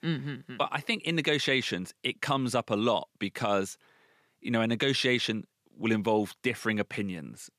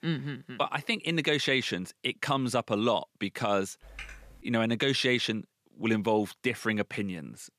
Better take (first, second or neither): first